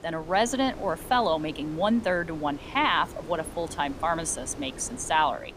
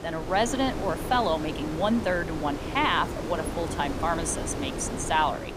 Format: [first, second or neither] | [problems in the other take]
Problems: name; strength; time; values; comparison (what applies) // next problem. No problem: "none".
first | wind noise on the microphone; heavy; 9 dB below the speech; occasional gusts in the first